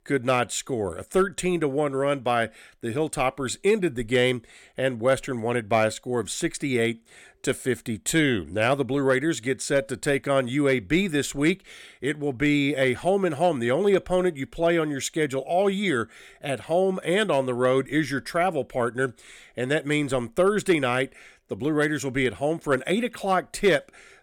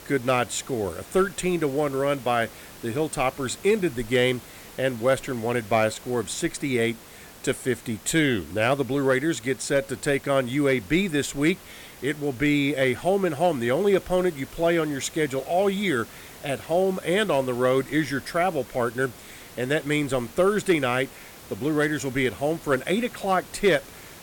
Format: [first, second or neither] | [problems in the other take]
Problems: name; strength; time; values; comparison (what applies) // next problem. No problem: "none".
first | hiss; noticeable; throughout; 20 dB below the speech